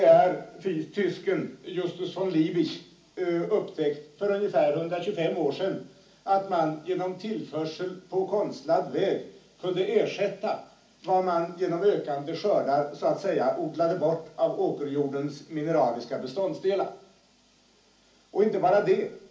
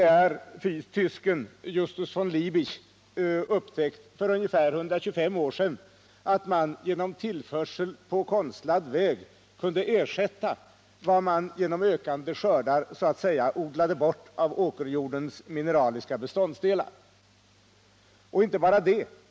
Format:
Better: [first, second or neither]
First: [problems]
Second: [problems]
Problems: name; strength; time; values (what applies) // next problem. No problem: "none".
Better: second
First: room echo; dies away in 0.4 s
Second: none